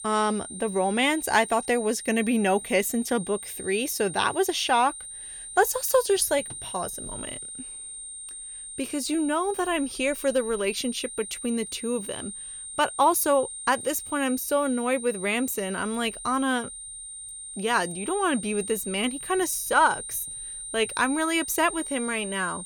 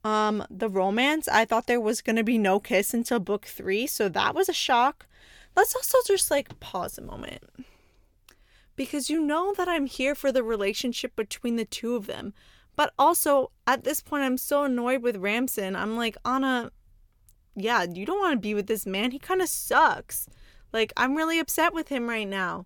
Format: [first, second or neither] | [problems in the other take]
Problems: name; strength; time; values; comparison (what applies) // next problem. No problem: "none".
second | high-pitched whine; loud; throughout; 9 kHz, 10 dB below the speech